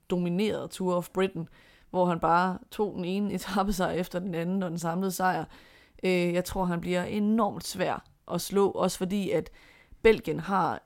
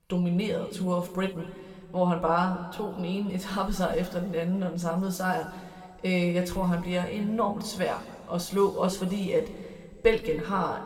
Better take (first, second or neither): first